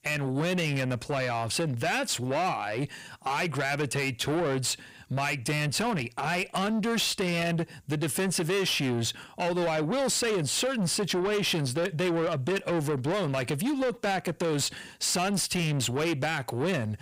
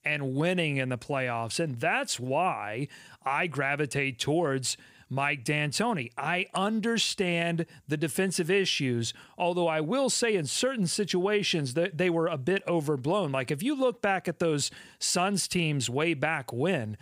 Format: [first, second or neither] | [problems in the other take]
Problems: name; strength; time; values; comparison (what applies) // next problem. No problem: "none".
second | distortion; heavy; 8 dB below the speech